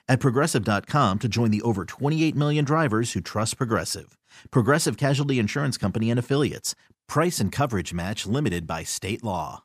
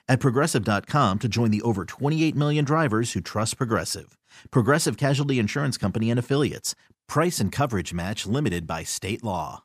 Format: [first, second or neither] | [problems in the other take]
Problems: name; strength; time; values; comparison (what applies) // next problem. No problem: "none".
neither | none